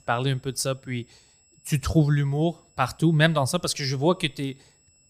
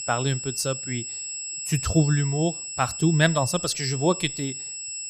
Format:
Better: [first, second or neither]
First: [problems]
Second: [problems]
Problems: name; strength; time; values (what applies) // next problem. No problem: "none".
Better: first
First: high-pitched whine; faint; throughout; 7.5 kHz, 35 dB below the speech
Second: high-pitched whine; loud; throughout; 7.5 kHz, 6 dB below the speech